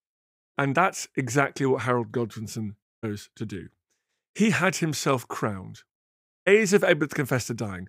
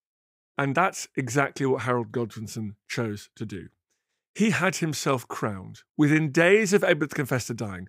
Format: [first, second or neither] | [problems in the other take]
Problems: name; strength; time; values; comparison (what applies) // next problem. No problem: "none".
second | audio cutting out; at 3 s and at 6 s for 0.5 s